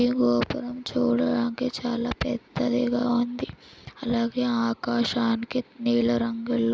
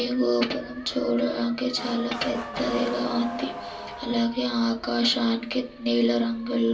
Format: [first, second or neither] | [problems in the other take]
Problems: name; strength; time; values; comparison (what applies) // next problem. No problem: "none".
first | background sound (Motor vehicle (road) / Siren); 13 dB below the speech // room echo; dies away in 0.3 s